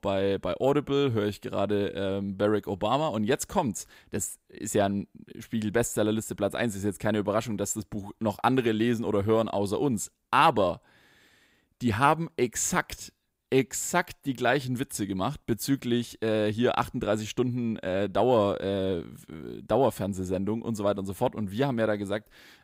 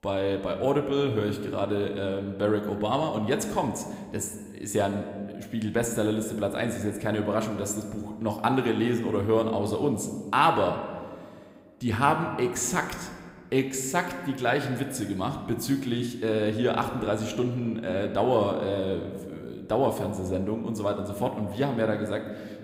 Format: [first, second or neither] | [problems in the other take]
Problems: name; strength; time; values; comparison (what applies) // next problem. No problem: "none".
first | room echo; slight; dies away in 1.3 s